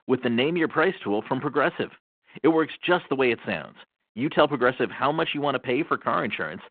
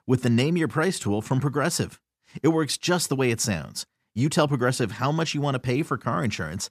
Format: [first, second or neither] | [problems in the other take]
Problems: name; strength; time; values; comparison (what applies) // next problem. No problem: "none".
second | phone-call audio